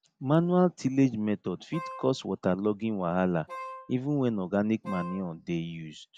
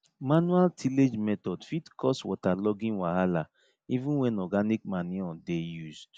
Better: second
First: background sound (Wind instrument, woodwind instrument); 13 dB below the speech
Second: none

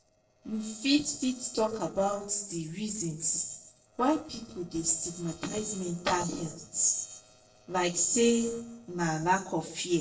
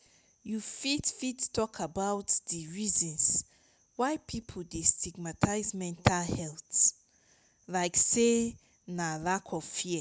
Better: second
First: noise reduction (neural separator model SepFormer DNS4)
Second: none

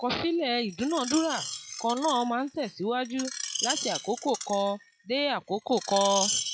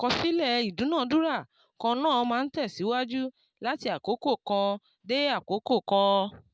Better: second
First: noise reduction (classical method log-MMSE)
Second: none

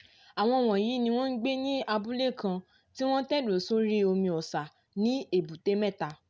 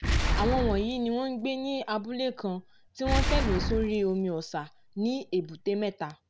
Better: first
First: none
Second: background sound (Boom); 1 dB below the speech

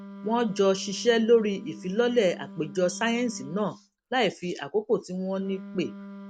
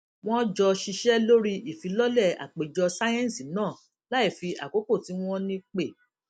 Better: second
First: background sound (Wind instrument, woodwind instrument); 16 dB below the speech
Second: none

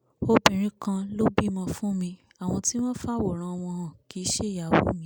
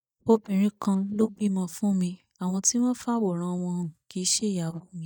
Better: first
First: none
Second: noise reduction (neural mask model DeepFilterNet 3)

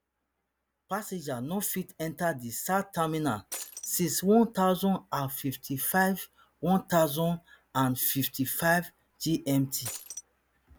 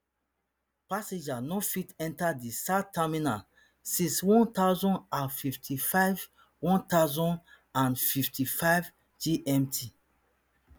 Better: second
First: background sound (Shatter); 10 dB below the speech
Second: none

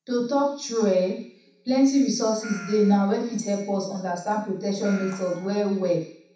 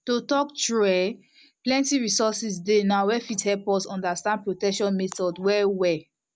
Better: second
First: background sound (Meow); 20 dB below the speech // room echo; dies away in 0.7 s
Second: none

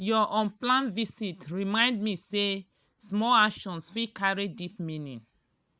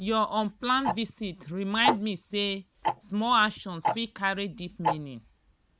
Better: first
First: none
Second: background sound (Tick-tock); 5 dB below the speech

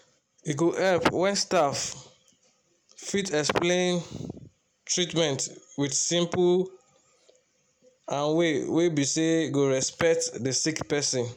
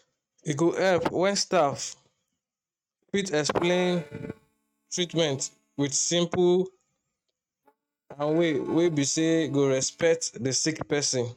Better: first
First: none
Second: noise reduction (neural mask model RNNoise)

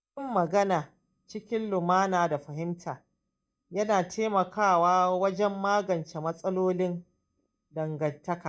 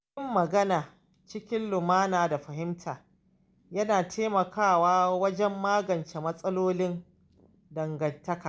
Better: second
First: noise reduction (neural mask model DeepFilterNet 3)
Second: none

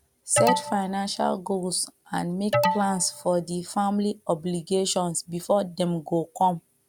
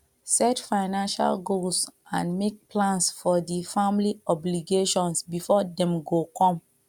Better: second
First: background sound (Alarm); 1 dB below the speech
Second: none

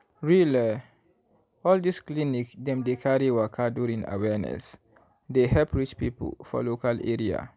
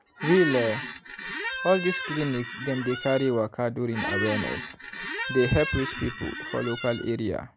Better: first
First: none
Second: background sound (Squeak); 6 dB below the speech

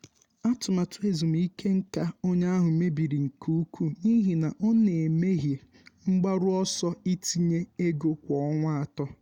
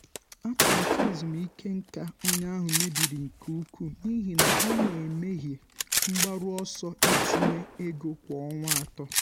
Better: first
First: none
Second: background sound (Gunshot, gunfire); 3 dB above the speech

